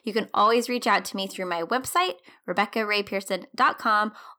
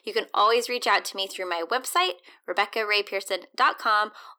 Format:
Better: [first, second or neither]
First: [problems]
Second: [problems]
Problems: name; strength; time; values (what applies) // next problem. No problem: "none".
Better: first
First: none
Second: thin; somewhat; fading below 350 Hz